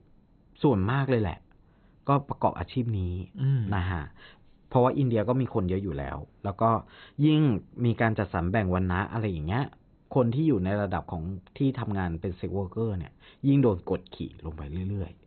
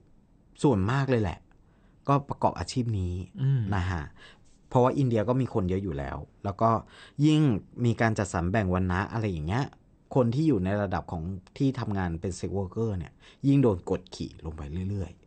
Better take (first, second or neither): second